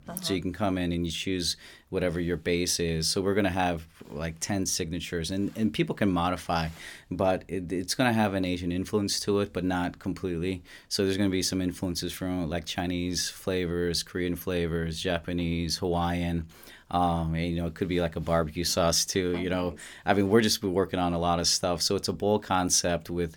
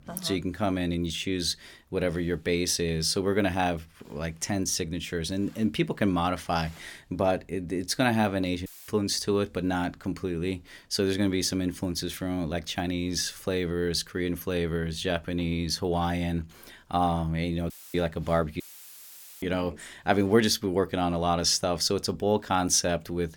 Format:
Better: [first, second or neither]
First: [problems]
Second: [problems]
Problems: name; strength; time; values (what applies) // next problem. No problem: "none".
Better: first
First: none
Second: audio cutting out; filled with static; at 8.5 s, at 18 s and at 19 s for 1 s